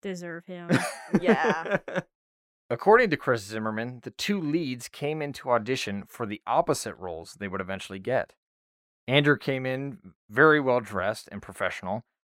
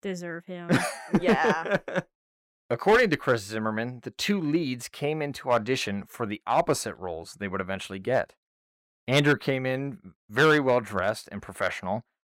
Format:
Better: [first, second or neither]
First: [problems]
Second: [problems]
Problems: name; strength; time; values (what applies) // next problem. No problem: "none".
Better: first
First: none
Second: distortion; slight; 1.8% of the sound clipped